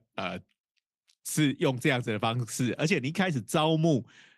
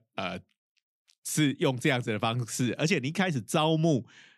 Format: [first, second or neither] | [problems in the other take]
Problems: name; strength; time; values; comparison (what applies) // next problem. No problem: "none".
second | garbled, watery; slightly; nothing above 14.5 kHz